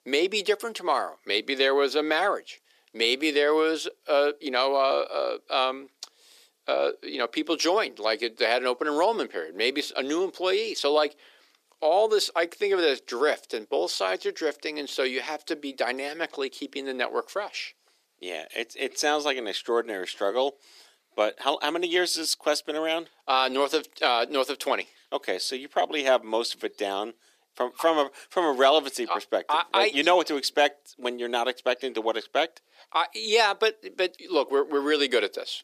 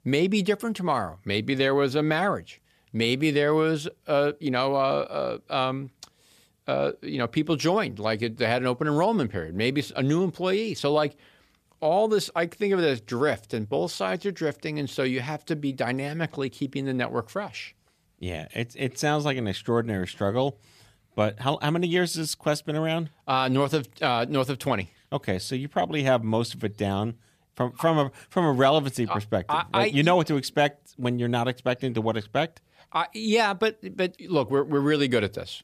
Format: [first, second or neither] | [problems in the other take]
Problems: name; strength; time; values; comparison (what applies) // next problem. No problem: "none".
second | thin; somewhat; fading below 350 Hz